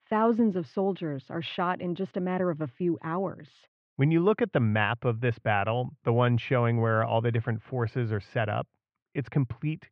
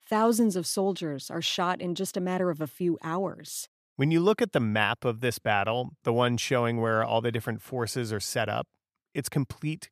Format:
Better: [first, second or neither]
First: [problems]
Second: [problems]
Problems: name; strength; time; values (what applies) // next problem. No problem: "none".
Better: second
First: muffled; very; fading above 2.5 kHz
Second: none